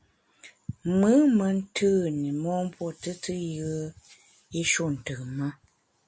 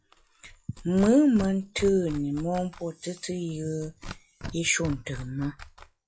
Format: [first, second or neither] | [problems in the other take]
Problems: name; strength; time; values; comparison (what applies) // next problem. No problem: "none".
first | noise reduction (classical method log-MMSE)